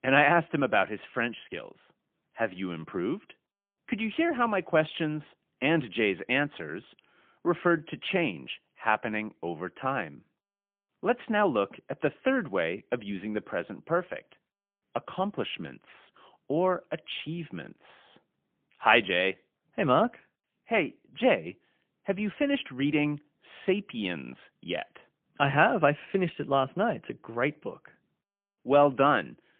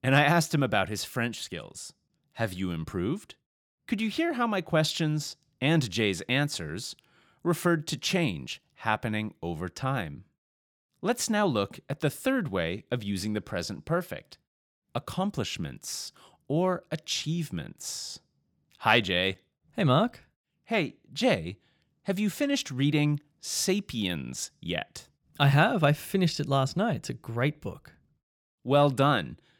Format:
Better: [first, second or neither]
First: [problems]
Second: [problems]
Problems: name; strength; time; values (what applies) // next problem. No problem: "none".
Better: second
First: phone-call audio; poor line; nothing above 3 kHz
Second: none